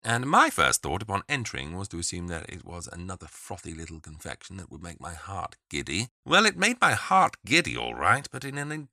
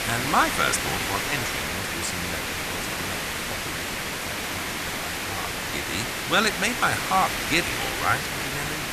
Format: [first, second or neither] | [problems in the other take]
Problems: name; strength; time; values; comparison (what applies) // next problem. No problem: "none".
first | hiss; loud; throughout; 1 dB below the speech